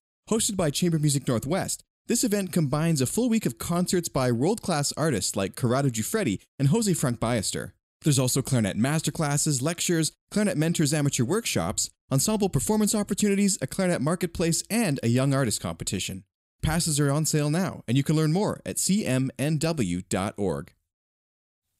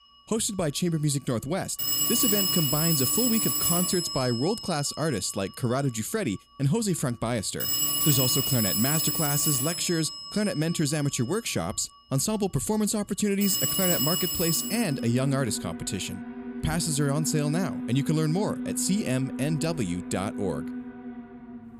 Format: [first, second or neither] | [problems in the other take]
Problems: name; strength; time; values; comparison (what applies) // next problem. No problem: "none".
first | alarms or sirens; very loud; throughout; 1 dB above the speech